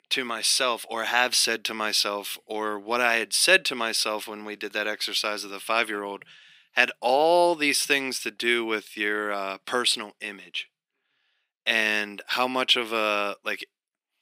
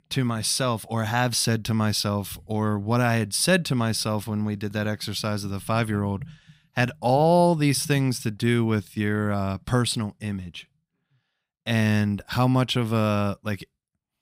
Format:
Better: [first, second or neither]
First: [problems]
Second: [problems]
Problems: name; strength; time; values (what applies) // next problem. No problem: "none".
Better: second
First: thin; very; fading below 350 Hz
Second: none